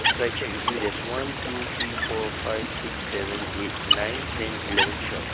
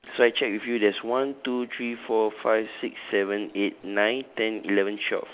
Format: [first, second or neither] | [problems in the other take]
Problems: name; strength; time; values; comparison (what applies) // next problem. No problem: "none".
second | background sound (Stream + Squeak); 4 dB above the speech